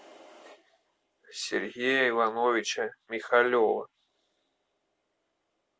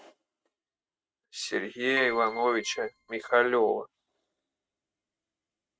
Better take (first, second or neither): first